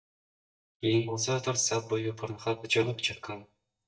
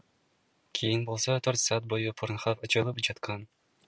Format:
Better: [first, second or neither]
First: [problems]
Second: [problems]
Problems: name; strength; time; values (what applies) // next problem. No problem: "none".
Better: second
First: noise reduction (neural mask model DeepFilterNet 3)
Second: none